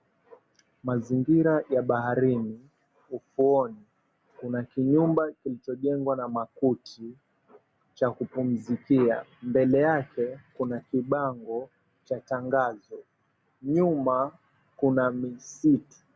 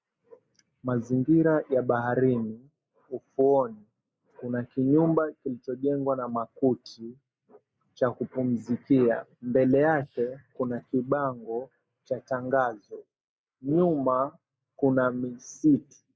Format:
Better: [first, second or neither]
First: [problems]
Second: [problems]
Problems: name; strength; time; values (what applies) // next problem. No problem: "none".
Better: first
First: none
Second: noise reduction (neural mask model Resemble Enhance denoiser)